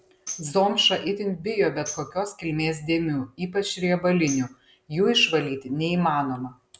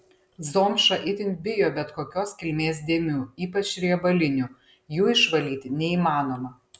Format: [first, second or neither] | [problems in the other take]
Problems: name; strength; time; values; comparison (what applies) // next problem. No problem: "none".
second | background sound (Tambourine); 17 dB below the speech